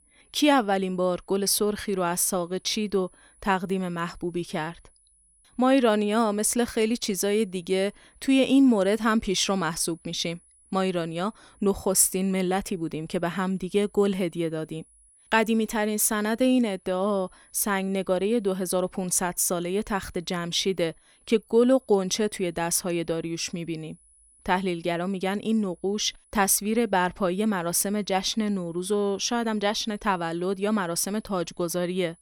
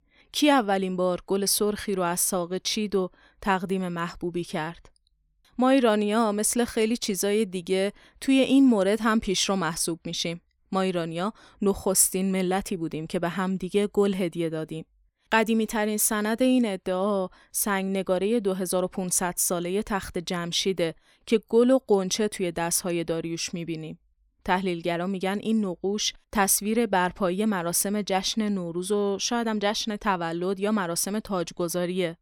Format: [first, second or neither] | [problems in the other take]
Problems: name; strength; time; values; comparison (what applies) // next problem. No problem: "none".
second | high-pitched whine; faint; throughout; 10 kHz, 30 dB below the speech